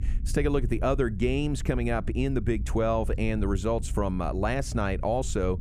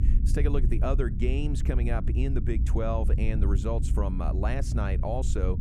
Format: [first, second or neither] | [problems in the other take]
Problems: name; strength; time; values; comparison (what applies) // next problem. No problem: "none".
first | low rumble; loud; throughout; 10 dB below the speech; faint in the first